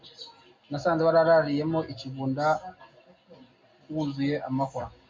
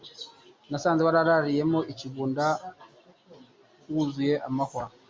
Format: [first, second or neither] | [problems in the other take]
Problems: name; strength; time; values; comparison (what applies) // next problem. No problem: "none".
second | room echo; dies away in 0.3 s